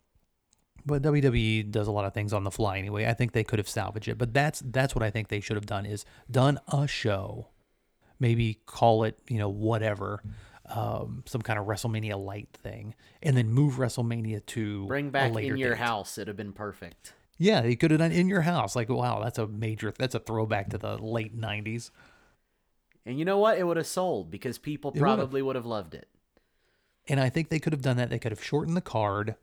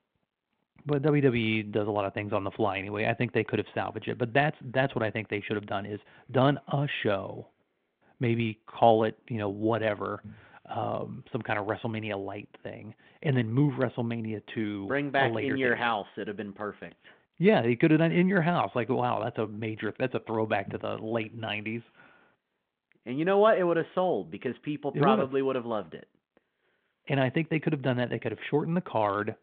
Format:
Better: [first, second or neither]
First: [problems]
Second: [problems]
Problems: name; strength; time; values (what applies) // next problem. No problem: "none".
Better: first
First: none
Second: phone-call audio; nothing above 3.5 kHz